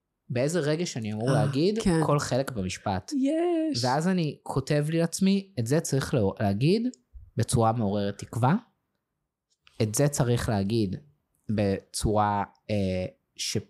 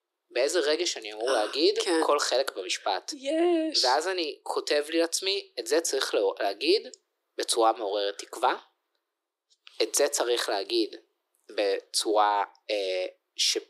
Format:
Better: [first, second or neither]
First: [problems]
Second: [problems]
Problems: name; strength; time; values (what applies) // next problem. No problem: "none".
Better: first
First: none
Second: thin; very; fading below 350 Hz